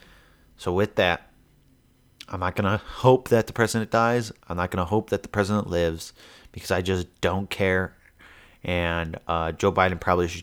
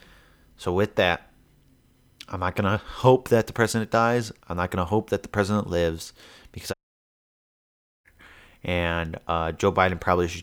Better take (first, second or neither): first